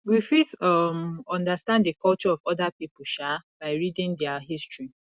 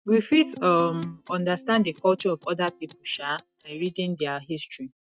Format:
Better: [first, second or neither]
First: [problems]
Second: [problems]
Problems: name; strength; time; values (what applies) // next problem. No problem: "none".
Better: first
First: none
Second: noise reduction (neural mask model DeepFilterNet 3)